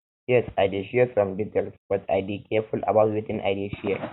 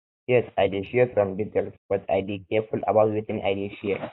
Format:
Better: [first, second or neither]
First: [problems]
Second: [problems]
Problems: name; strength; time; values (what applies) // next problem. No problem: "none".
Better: first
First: none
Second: noise reduction (neural mask model Resemble Enhance denoiser)